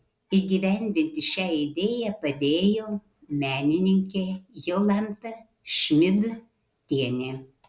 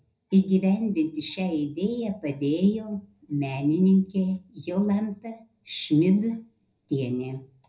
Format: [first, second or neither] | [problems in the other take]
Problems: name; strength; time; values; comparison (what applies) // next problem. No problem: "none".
first | room echo; dies away in 0.4 s